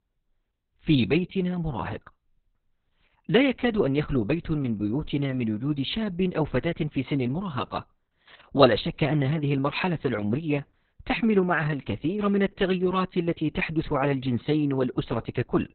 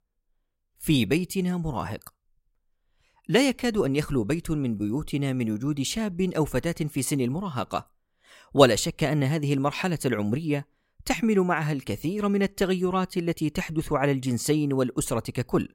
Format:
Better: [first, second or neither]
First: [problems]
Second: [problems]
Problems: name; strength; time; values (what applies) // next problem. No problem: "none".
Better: second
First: garbled, watery; badly; nothing above 4 kHz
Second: none